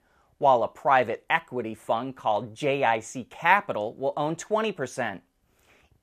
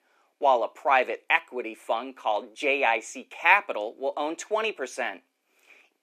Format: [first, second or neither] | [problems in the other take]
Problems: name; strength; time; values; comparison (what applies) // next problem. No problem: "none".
first | thin; very slightly; fading below 250 Hz